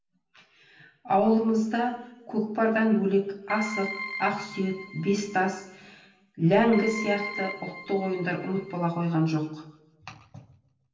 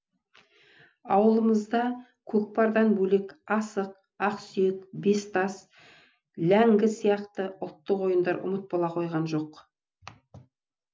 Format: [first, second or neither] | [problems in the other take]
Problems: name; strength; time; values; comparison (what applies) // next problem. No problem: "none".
second | background sound (Keyboard (musical)); 11 dB below the speech // room echo; dies away in 0.9 s